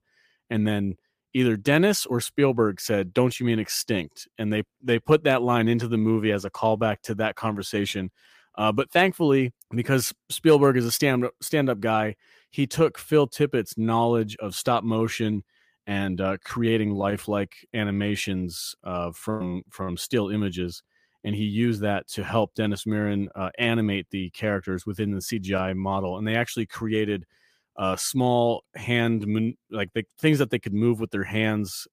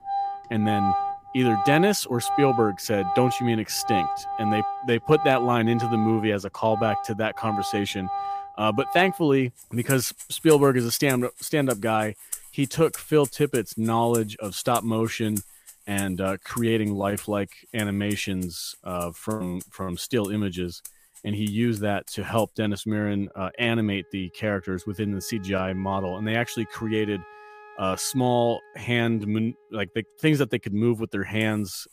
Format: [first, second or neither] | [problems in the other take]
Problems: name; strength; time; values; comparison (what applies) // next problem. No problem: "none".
first | background music; loud; throughout; 7 dB below the speech